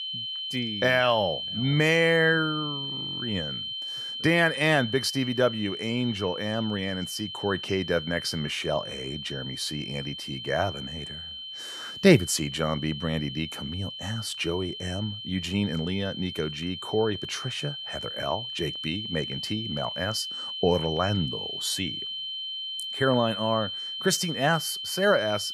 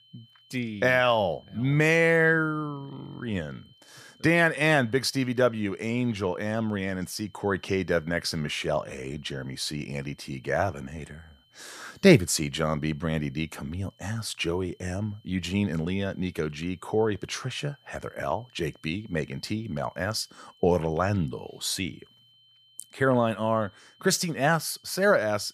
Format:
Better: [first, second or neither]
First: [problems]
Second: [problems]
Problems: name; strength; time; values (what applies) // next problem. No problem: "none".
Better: second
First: high-pitched whine; loud; throughout; 3 kHz, 6 dB below the speech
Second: high-pitched whine; faint; throughout; 3 kHz, 30 dB below the speech